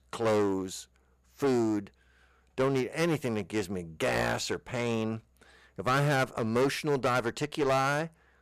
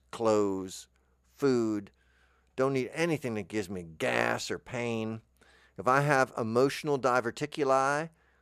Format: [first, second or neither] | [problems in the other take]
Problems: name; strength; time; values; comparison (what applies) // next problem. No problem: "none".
second | distortion; heavy; 8% of the sound clipped